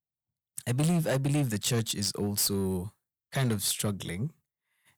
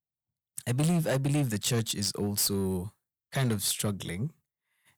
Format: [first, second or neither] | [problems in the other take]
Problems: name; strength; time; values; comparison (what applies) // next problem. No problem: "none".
neither | distortion; slight; 8% of the sound clipped; the same in both